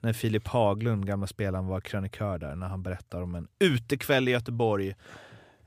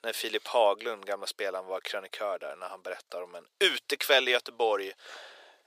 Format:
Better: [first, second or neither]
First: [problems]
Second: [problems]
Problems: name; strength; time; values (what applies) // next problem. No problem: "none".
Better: first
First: none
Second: thin; very; fading below 450 Hz